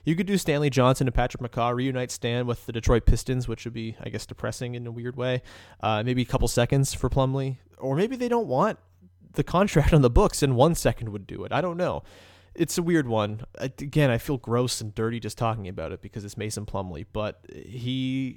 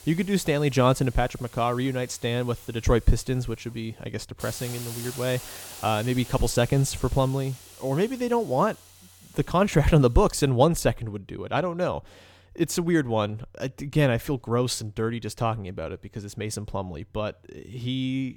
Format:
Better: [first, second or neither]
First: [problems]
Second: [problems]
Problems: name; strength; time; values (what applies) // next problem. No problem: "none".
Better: first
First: none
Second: hiss; noticeable; until 10 s; 15 dB below the speech